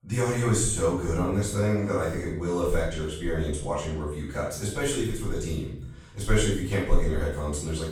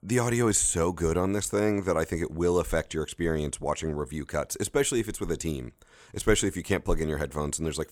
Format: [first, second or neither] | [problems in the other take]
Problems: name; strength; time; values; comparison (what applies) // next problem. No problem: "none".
second | off-mic speech; far // room echo; noticeable; dies away in 0.7 s